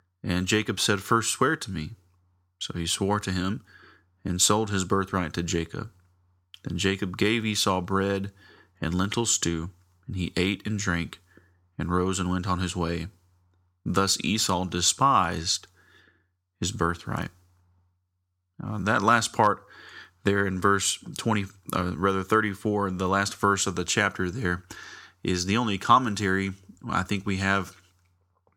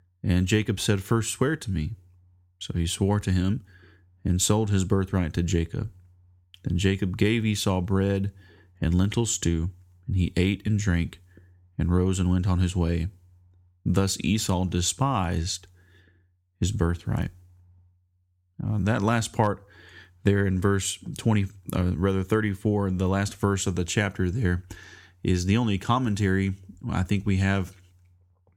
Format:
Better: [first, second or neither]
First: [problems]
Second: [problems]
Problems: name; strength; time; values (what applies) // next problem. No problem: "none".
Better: second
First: thin; somewhat; fading below 500 Hz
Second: none